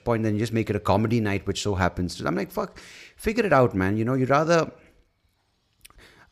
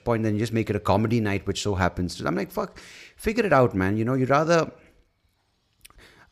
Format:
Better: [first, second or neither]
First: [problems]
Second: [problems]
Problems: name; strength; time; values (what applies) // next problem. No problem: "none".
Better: neither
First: none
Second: none